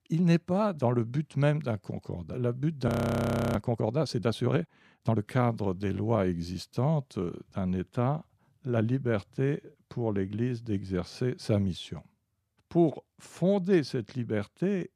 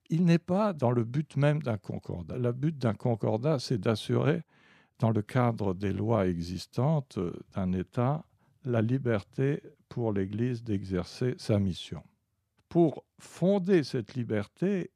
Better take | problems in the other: second | audio freezing; at 3 s for 0.5 s

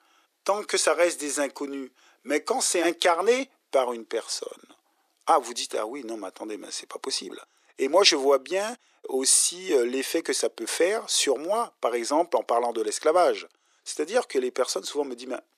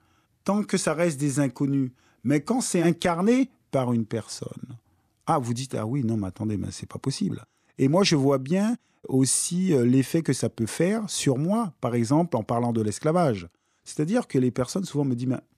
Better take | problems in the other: second | thin; very; fading below 400 Hz

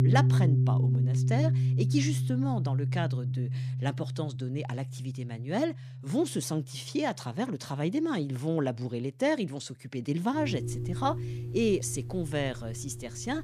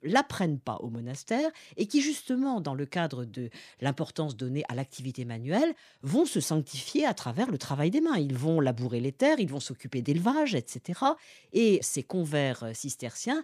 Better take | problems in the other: second | background music; very loud; throughout; 2 dB above the speech

